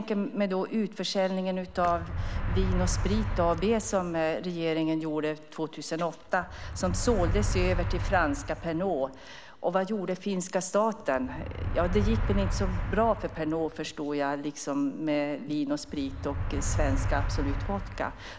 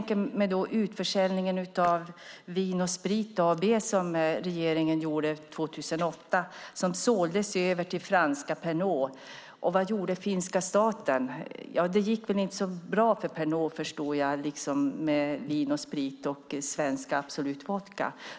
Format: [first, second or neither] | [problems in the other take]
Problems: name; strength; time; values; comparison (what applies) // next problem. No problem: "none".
second | background sound (Motor vehicle (road)); 3 dB below the speech